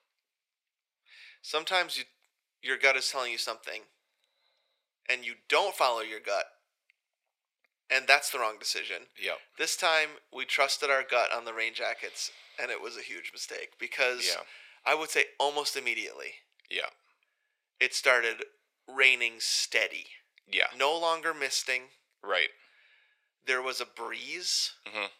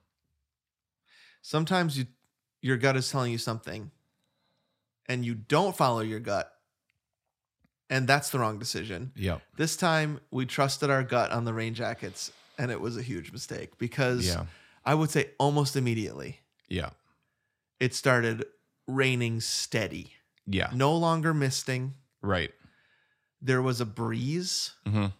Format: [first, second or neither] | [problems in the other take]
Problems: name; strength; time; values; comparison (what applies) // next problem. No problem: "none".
second | thin; very; fading below 500 Hz